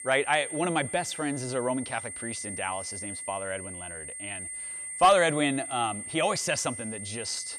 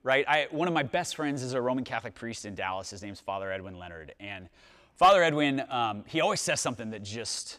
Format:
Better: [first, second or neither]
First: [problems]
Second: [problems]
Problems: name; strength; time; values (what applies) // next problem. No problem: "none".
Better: second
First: high-pitched whine; loud; throughout; 8.5 kHz, 8 dB below the speech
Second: none